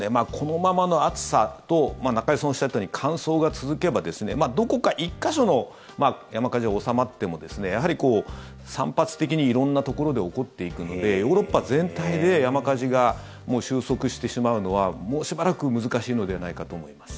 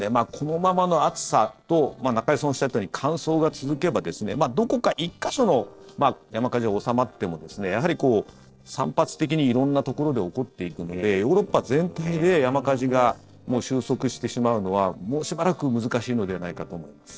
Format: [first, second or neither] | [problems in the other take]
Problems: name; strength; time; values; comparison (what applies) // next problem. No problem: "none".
first | noise reduction (neural separator model SepFormer DNS4)